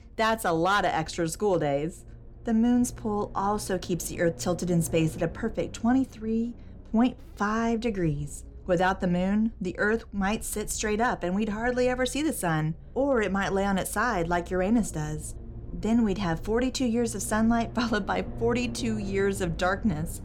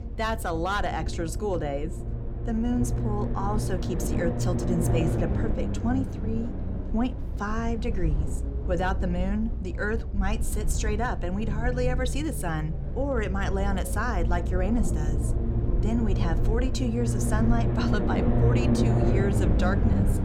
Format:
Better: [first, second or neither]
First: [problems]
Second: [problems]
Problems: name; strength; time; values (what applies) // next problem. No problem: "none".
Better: first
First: low rumble; faint; throughout; 25 dB below the speech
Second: low rumble; loud; throughout; 5 dB below the speech